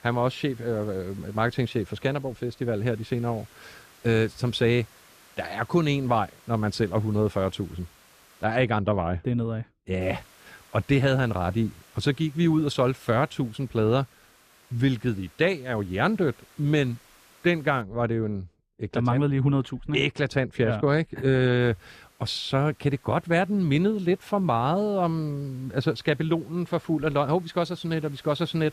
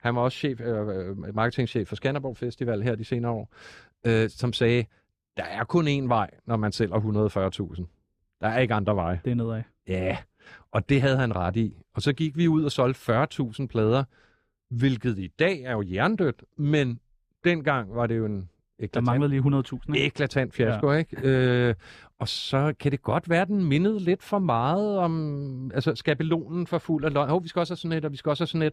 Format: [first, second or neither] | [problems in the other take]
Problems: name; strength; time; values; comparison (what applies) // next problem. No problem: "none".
second | hiss; faint; until 8.5 s, from 10 to 18 s and from 22 s on; 30 dB below the speech